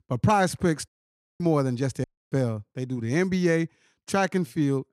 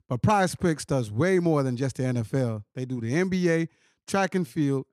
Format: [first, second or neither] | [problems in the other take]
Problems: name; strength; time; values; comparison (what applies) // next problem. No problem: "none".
second | audio cutting out; at 1 s for 0.5 s and at 2 s